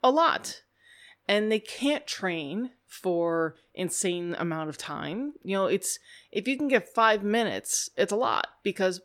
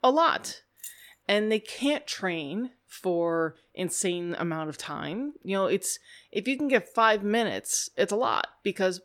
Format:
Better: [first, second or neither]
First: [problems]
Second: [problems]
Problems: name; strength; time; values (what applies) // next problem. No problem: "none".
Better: first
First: none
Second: jangling keys; faint; at 1 s; peak 15 dB below the speech